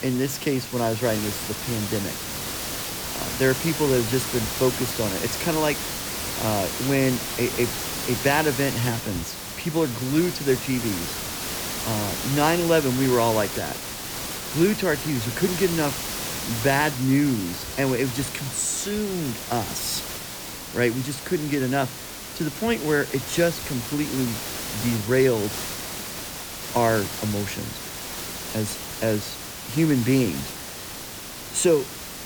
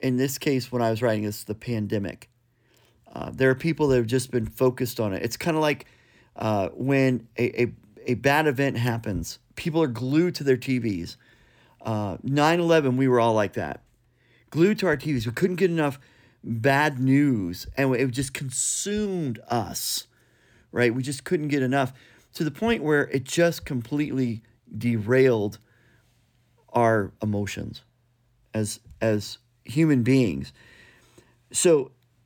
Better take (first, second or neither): second